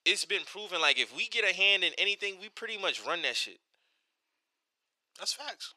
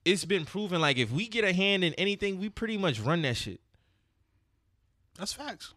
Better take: second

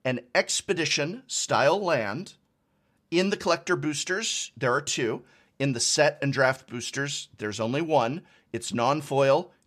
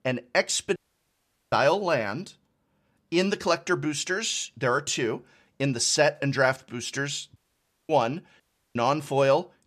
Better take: first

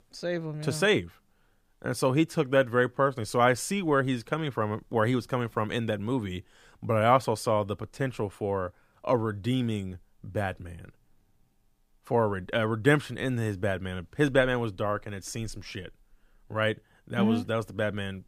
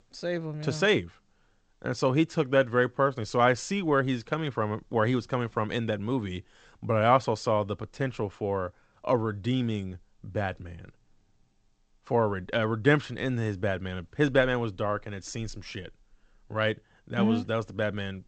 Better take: first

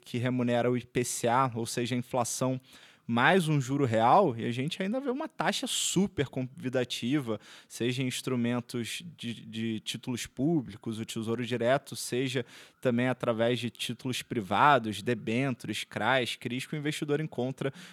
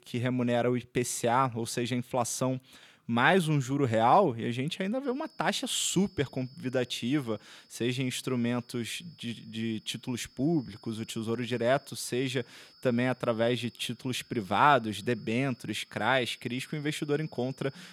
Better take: first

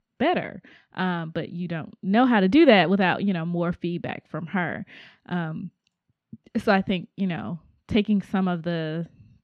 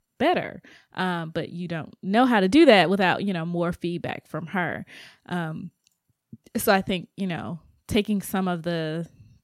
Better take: second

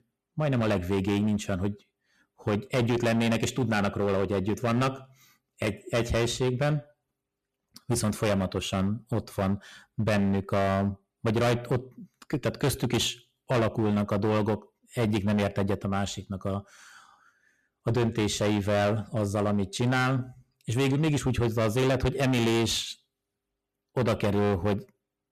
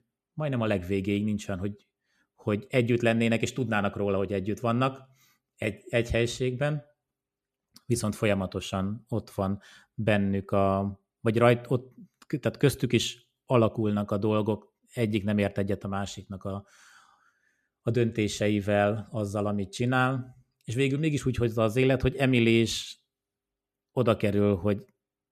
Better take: second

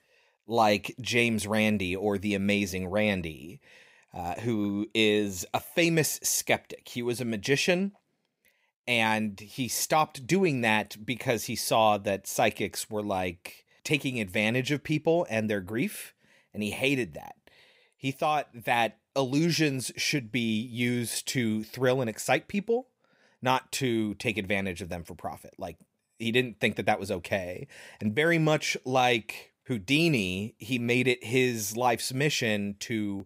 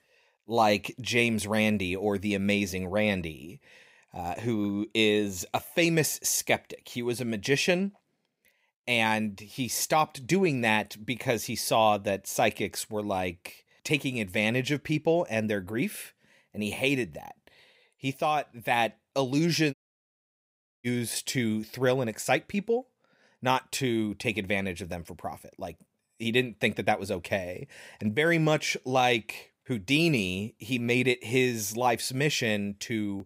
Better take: first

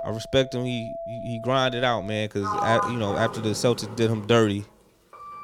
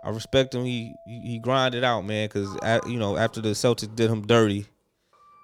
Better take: second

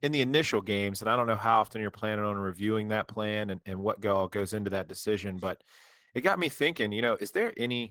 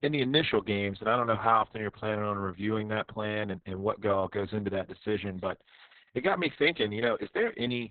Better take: first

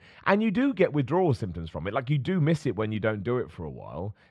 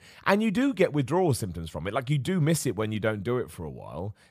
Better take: second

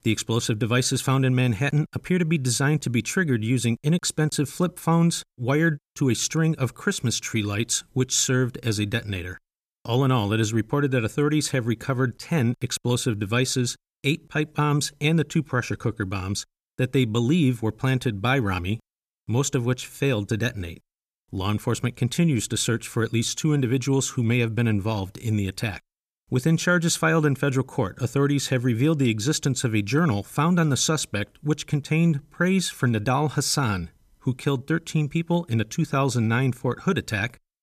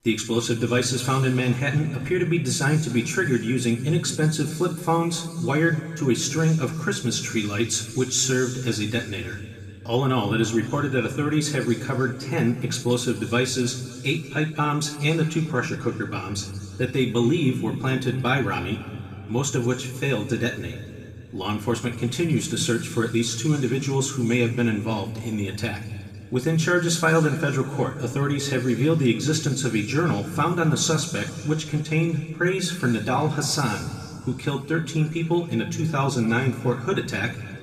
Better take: first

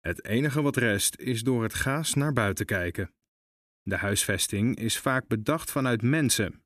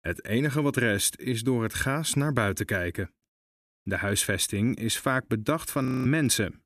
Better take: first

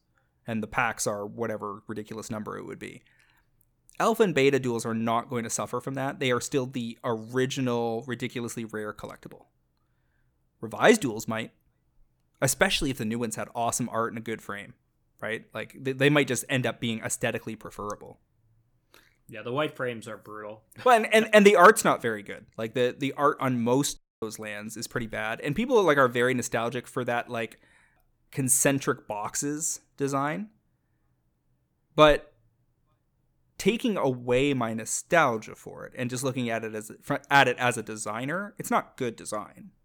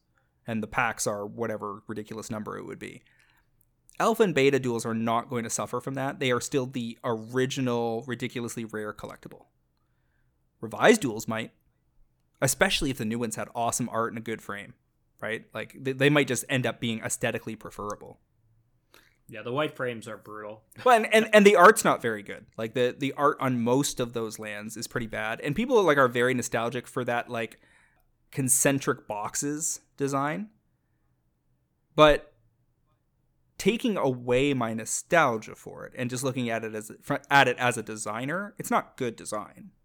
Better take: second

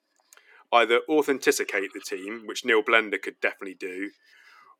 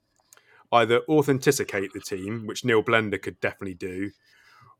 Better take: second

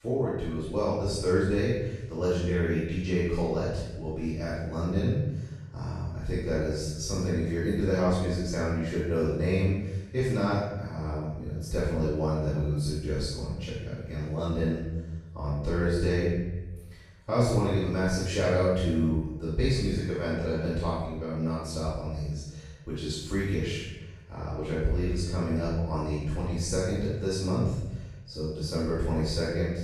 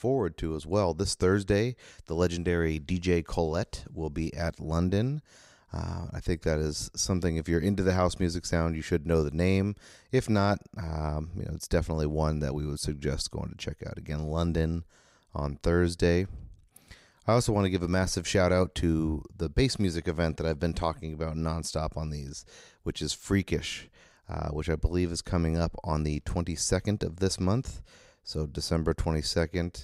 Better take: second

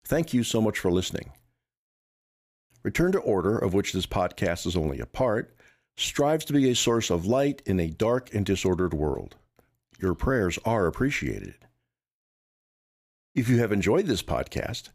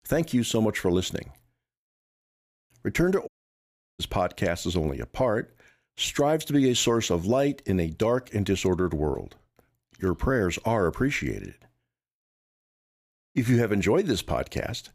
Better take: first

